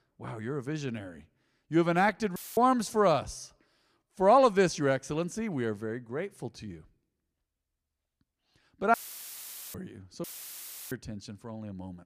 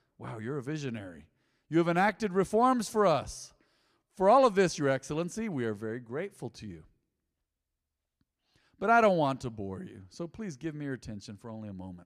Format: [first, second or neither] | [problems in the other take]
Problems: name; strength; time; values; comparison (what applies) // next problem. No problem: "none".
second | audio cutting out; filled with static; at 2.5 s, at 9 s for 1 s and at 10 s for 0.5 s